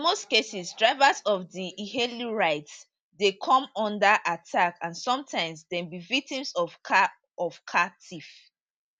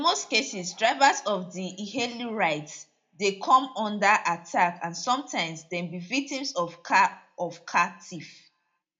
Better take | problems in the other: first | room echo; dies away in 0.2 s

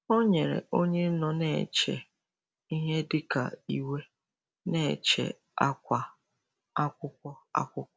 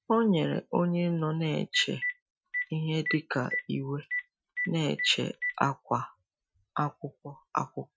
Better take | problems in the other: first | noise reduction (classical method Wiener filter)

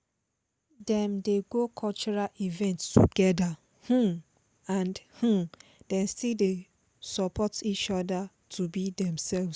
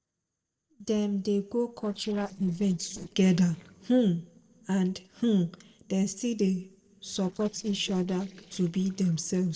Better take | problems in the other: first | noise reduction (neural separator model SepFormer DNS4)

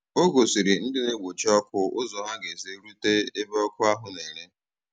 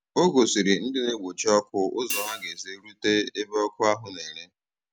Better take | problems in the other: first | background sound (Hi-hat); 12 dB below the speech

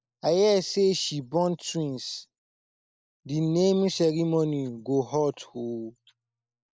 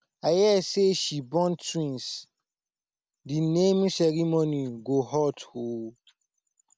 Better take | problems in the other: second | noise reduction (neural mask model Resemble Enhance denoiser)

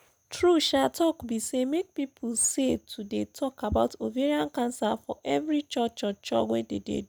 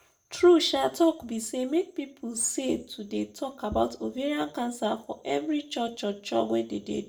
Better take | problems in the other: first | room echo; dies away in 0.3 s

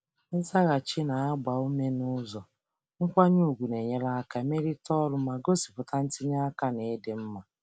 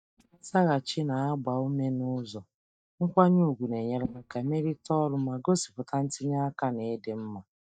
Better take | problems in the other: first | noise reduction (neural mask model DeepFilterNet 3)

